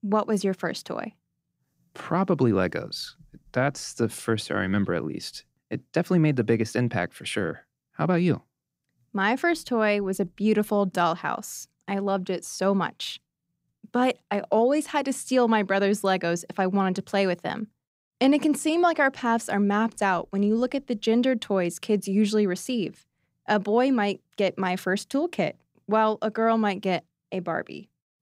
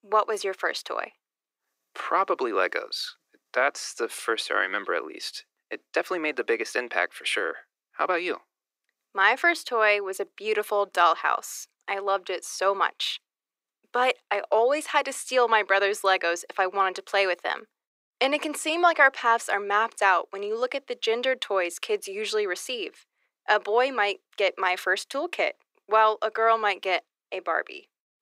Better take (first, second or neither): first